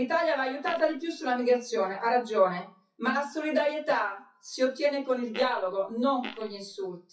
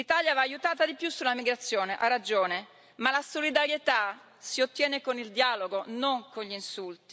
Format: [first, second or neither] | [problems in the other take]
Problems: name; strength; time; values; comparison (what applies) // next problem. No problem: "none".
second | noise reduction (classical method WPE with log-MMSE)